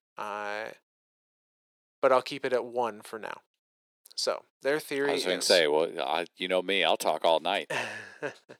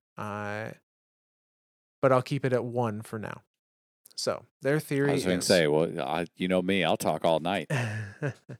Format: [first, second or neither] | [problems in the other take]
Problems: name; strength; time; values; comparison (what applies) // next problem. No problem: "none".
second | thin; somewhat; fading below 450 Hz